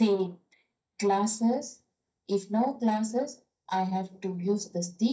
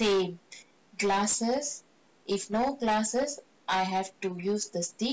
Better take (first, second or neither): second